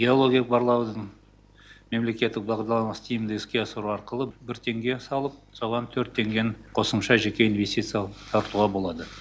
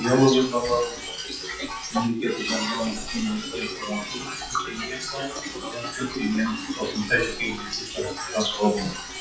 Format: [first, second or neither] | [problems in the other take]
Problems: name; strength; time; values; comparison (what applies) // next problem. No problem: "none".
first | noise reduction (classical method WPE with log-MMSE)